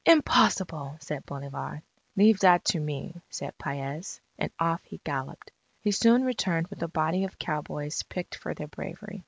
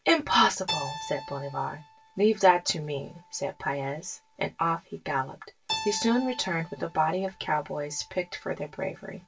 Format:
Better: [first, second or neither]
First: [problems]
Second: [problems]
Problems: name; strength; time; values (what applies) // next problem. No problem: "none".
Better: first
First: none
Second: background sound (Keyboard (musical)); 14 dB below the speech // room echo; dies away in 0.1 s